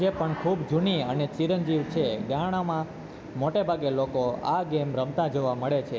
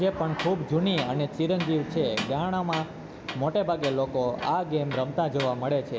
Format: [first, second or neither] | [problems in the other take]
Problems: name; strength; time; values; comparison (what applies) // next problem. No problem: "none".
first | background sound (Tools); 14 dB below the speech